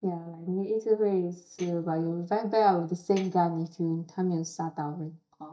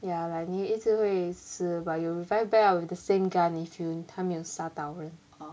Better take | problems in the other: second | noise reduction (neural mask model DeepFilterNet 3)

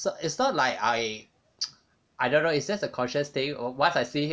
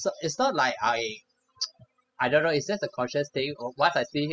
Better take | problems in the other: first | noise reduction (classical method spectral subtraction)

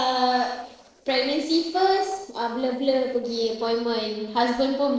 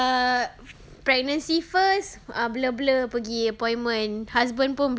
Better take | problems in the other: second | noise reduction (neural separator model SepFormer DNS4)

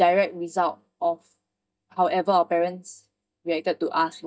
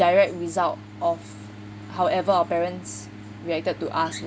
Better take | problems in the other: second | noise reduction (neural mask model DeepFilterNet 3)

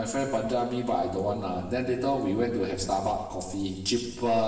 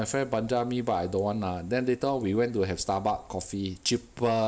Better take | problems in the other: second | room echo; dies away in 1.2 s

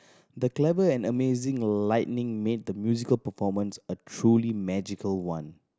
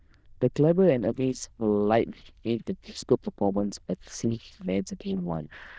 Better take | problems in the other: first | noise reduction (neural diffusion model UNIVERSE++)

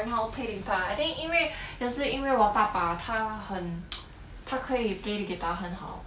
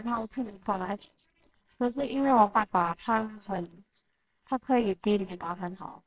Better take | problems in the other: first | noise reduction (neural separator model SepFormer WHAMR!)

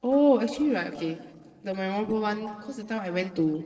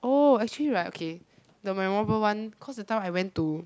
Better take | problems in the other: second | noise reduction (neural separator model SepFormer DNS4)

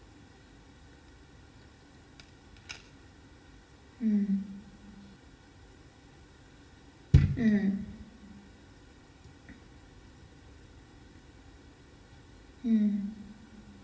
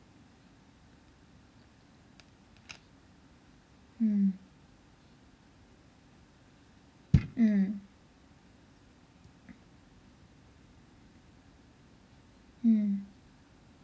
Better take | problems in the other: second | room echo; dies away in 1.2 s

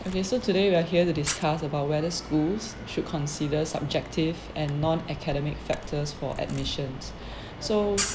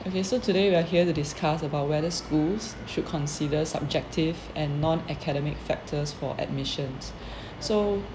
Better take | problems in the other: second | background sound (Camera); 13 dB below the speech

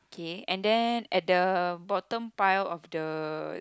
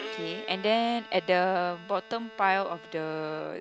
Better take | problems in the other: first | background sound (Bowed string instrument); 14 dB below the speech

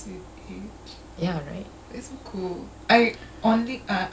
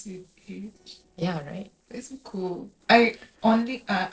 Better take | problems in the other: first | noise reduction (neural separator model SepFormer DNS4)

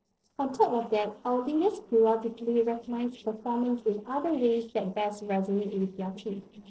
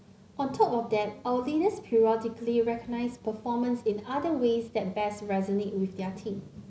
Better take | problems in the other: second | noise reduction (neural separator model SepFormer DNS4)

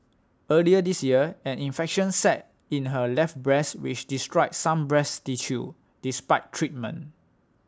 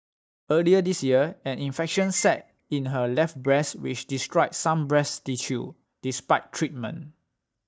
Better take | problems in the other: first | noise reduction (neural mask model DeepFilterNet 3)

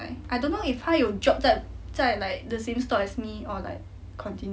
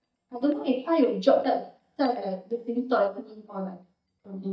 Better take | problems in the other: first | noise reduction (neural mask model DeepFilterNet 3)

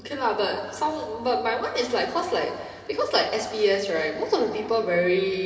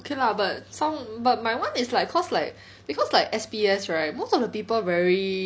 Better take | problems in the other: second | room echo; dies away in 1.9 s

